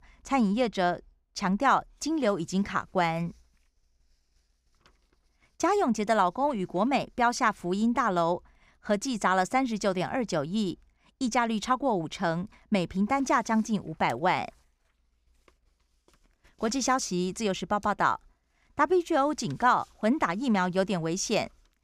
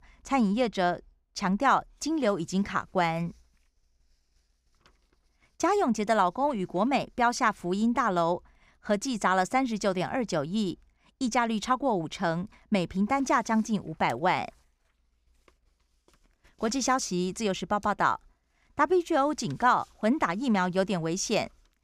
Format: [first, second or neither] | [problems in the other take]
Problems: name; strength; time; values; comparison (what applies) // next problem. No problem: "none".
neither | none